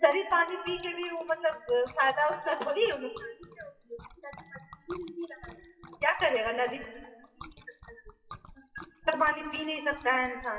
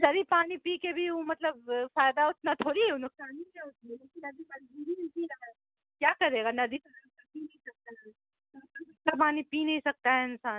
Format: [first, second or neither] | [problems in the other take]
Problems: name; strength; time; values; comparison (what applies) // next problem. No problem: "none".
second | noise reduction (classical method WPE with log-MMSE)